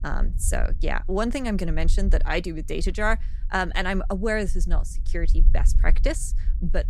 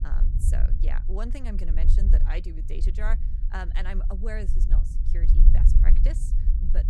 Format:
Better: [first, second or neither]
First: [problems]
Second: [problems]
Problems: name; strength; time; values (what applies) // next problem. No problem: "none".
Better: first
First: low rumble; faint; throughout; 20 dB below the speech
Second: low rumble; loud; throughout; 6 dB below the speech